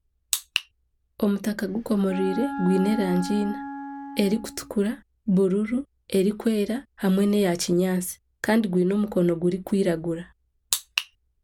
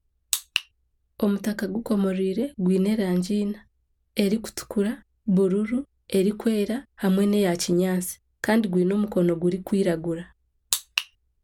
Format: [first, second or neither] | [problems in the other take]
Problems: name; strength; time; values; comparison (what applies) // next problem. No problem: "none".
second | background sound (Wind instrument, woodwind instrument); 10 dB below the speech